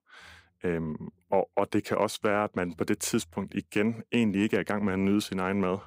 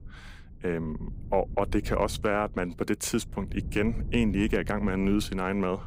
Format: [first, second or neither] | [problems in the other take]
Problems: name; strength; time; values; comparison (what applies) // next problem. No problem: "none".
first | low rumble; faint; throughout; 20 dB below the speech